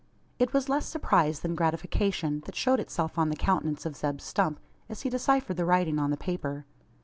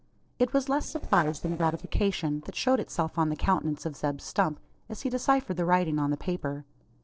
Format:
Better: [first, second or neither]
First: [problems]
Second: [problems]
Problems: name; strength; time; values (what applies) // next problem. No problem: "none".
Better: first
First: none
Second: noise reduction (neural separator model SepFormer DNS4)